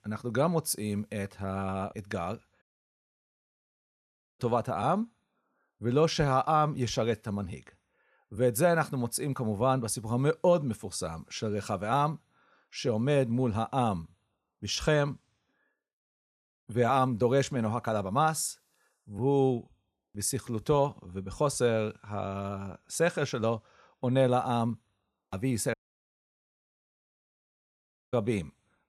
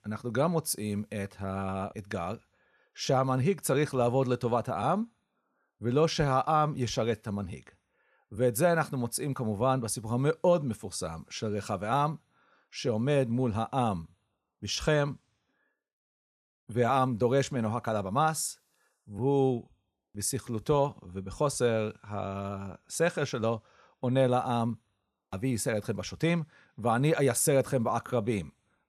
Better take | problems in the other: second | audio cutting out; at 2.5 s for 2 s and at 26 s for 2.5 s

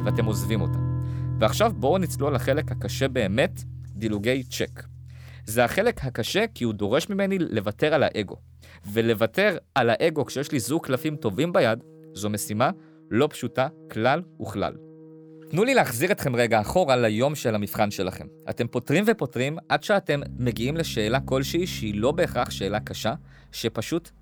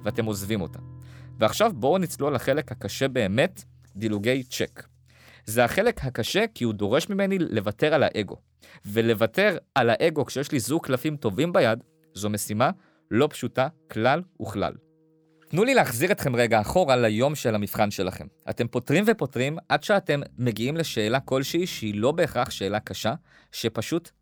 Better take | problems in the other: second | background music; loud; throughout; 10 dB below the speech; faint in the second

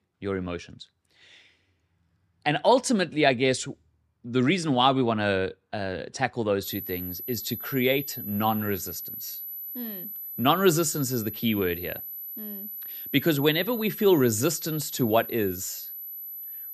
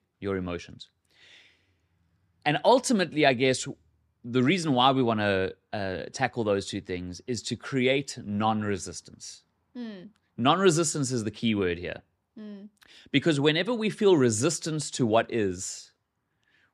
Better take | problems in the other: second | high-pitched whine; loud; from 6.5 s on; 12 kHz, 9 dB below the speech

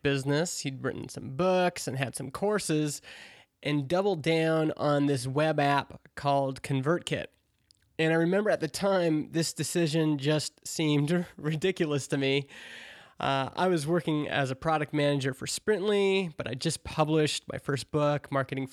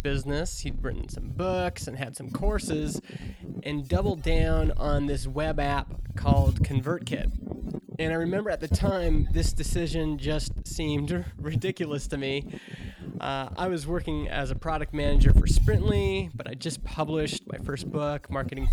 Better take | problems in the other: first | wind noise on the microphone; occasional gusts; 10 dB below the speech

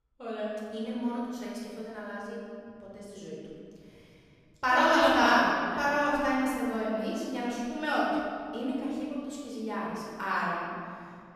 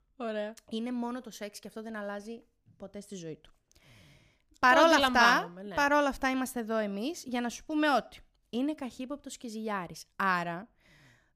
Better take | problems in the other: second | off-mic speech; far // room echo; strong; dies away in 1.9 s

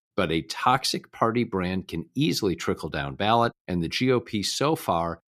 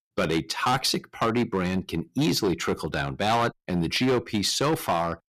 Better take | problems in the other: first | distortion; heavy; 10% of the sound clipped

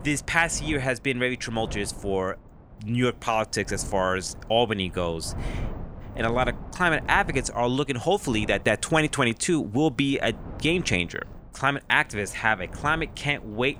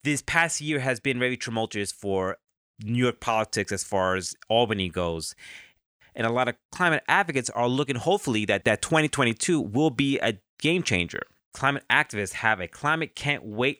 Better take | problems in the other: second | wind noise on the microphone; occasional gusts; 20 dB below the speech

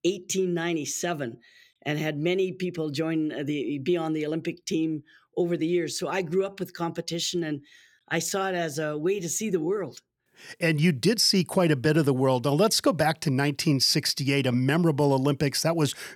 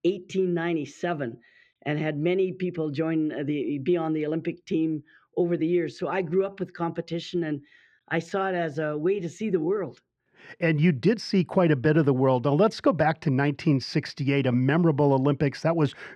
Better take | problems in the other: first | muffled; very; fading above 2 kHz

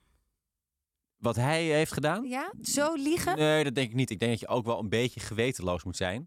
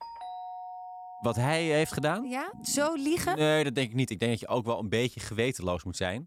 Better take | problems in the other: first | doorbell; faint; until 3 s; peak 10 dB below the speech

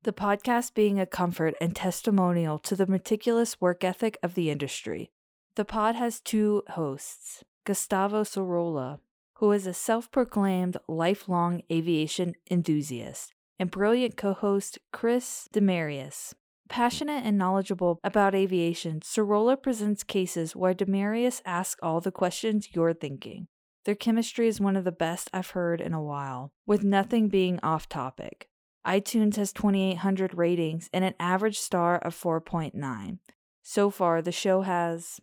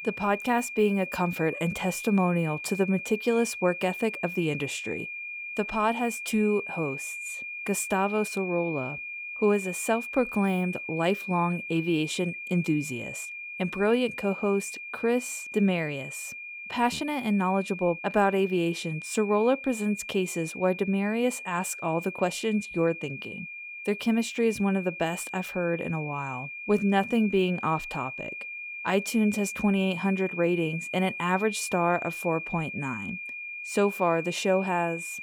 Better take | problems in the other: first | high-pitched whine; loud; throughout; 2.5 kHz, 8 dB below the speech

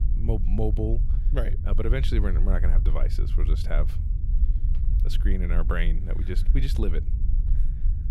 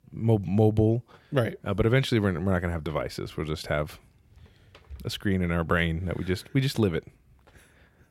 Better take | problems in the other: second | low rumble; noticeable; throughout; 10 dB below the speech

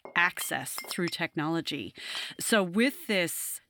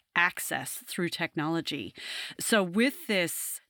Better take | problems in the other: second | household noises; noticeable; throughout; 15 dB below the speech

